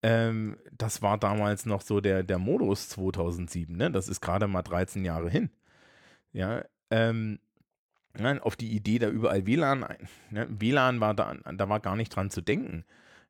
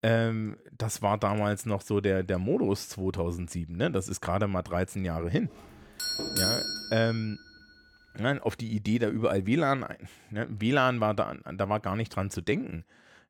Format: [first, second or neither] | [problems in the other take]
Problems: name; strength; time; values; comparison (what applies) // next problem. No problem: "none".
first | doorbell; loud; from 6 to 7 s; peak 3 dB above the speech